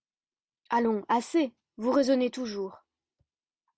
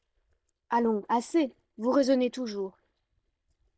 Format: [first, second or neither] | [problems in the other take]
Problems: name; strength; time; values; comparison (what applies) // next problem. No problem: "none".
first | noise reduction (neural mask model DeepFilterNet 3)